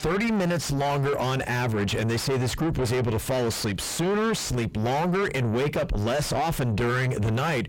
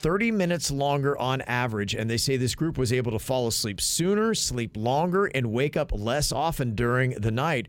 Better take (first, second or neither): second